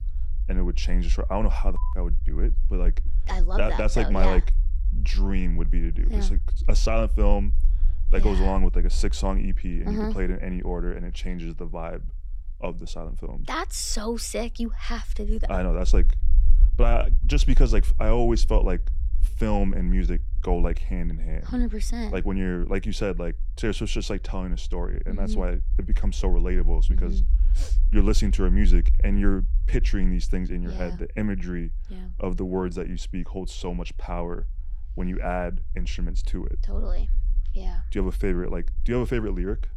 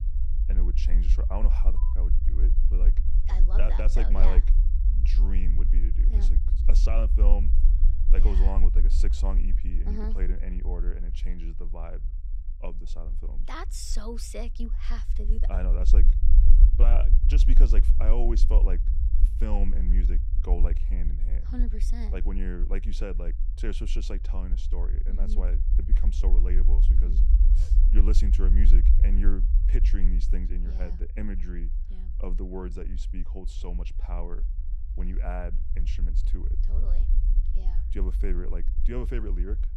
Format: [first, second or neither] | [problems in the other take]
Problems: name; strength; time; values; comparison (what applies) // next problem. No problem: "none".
first | low rumble; loud; throughout; 8 dB below the speech; faint in the first